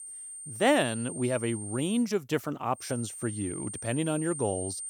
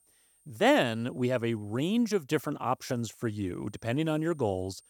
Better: second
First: high-pitched whine; loud; until 2 s and from 3 s on; 8.5 kHz, 8 dB below the speech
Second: high-pitched whine; faint; until 2 s and from 3 s on; 8.5 kHz, 35 dB below the speech

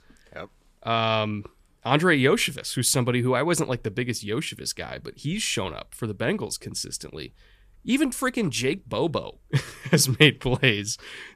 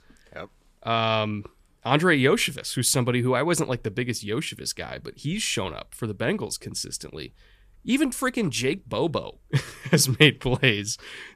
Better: neither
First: none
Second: none

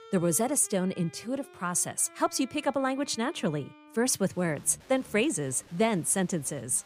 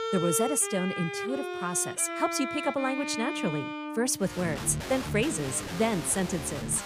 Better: first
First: background music; faint; throughout; 25 dB below the speech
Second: background music; loud; throughout; 5 dB below the speech

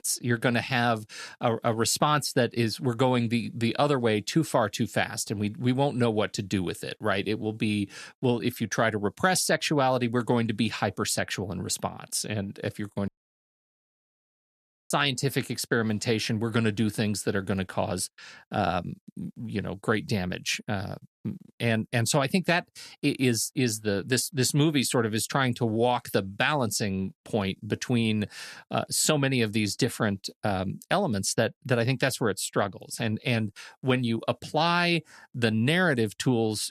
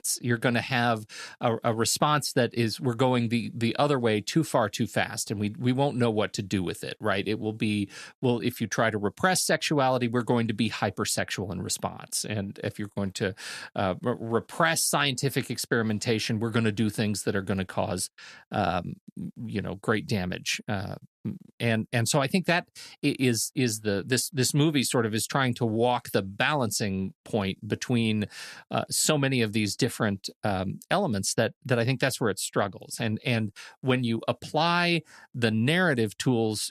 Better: second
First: audio cutting out; at 13 s for 2 s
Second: none

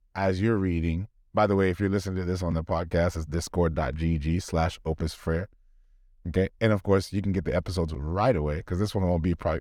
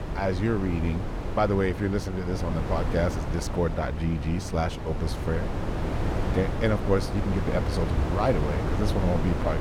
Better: first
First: none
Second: wind noise on the microphone; heavy; 5 dB below the speech

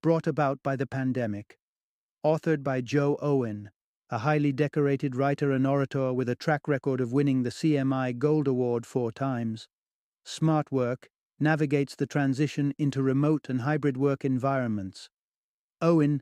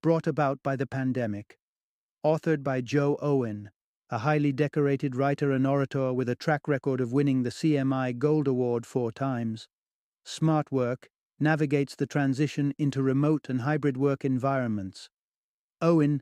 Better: neither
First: none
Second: none

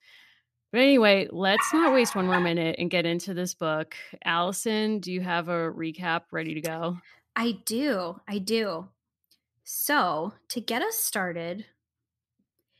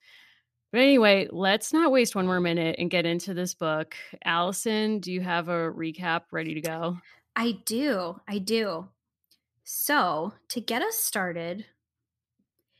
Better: second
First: dog barking; noticeable; at 1.5 s; peak 1 dB below the speech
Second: none

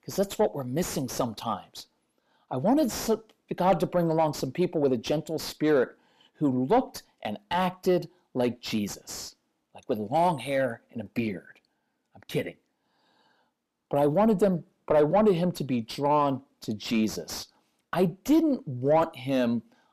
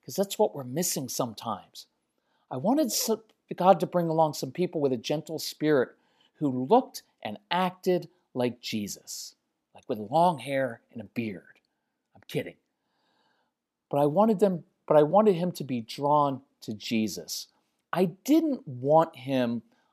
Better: second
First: distortion; slight; 10 dB below the speech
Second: none

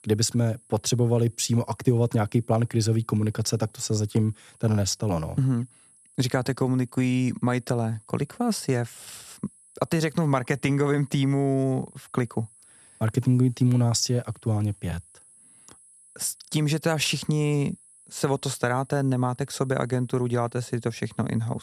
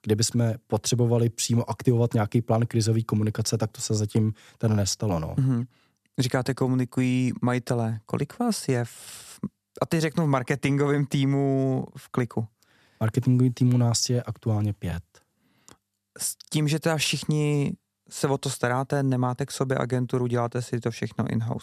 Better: second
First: high-pitched whine; faint; throughout; 10.5 kHz, 25 dB below the speech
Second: none

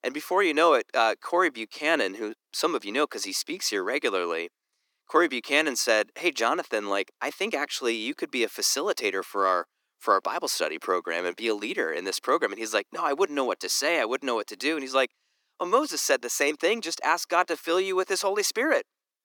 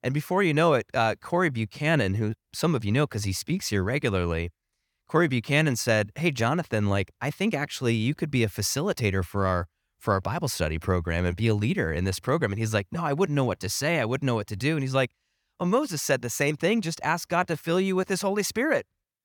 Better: second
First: thin; somewhat; fading below 300 Hz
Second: none

